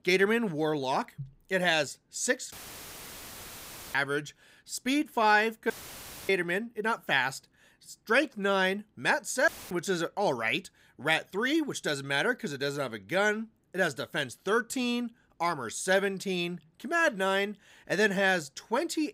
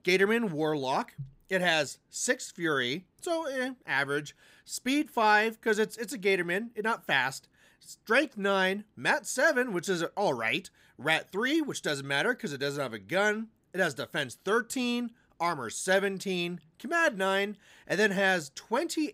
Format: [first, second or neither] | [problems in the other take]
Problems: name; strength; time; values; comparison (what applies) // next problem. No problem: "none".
second | audio cutting out; filled with static; at 2.5 s for 1.5 s, at 5.5 s for 0.5 s and at 9.5 s